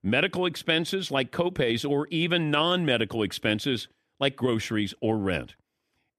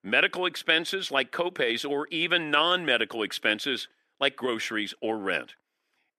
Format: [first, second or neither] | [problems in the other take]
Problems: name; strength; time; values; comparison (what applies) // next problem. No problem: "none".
first | thin; somewhat; fading below 350 Hz